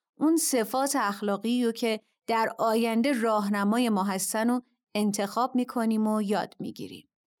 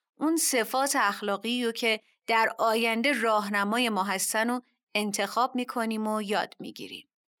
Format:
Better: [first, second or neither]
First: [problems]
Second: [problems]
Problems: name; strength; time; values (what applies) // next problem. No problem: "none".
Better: first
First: none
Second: thin; very slightly; fading below 800 Hz